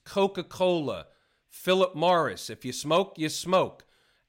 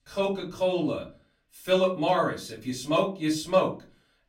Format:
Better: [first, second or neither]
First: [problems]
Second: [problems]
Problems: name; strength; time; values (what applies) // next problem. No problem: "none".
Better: first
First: none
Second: off-mic speech; far // room echo; very slight; dies away in 0.3 s